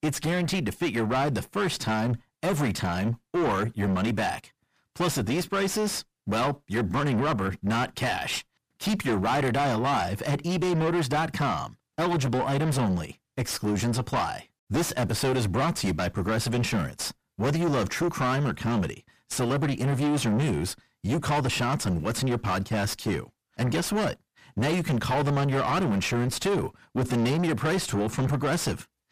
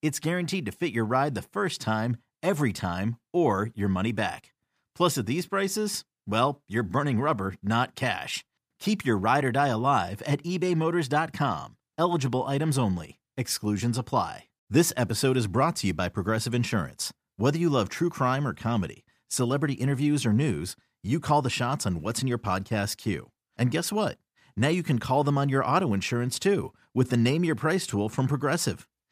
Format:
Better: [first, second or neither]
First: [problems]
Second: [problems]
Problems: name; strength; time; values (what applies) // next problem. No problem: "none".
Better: second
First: distortion; heavy; 5 dB below the speech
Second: none